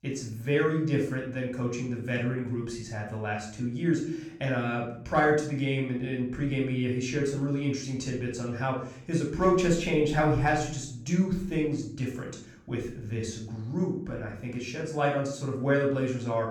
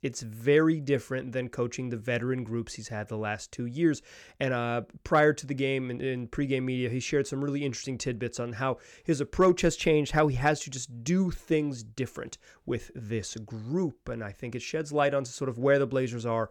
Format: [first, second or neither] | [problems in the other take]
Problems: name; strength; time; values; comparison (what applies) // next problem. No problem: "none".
second | off-mic speech; far // room echo; noticeable; dies away in 0.6 s